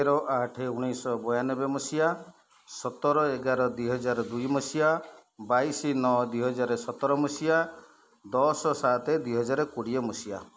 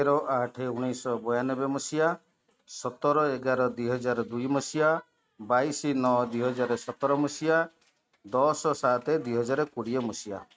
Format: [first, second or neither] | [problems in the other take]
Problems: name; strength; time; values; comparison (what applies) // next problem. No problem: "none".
first | noise reduction (neural mask model RNNoise)